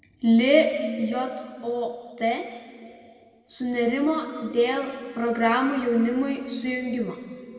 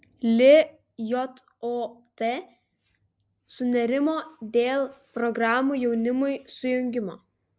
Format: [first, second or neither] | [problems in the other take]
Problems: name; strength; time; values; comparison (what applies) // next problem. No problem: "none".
second | room echo; dies away in 2.2 s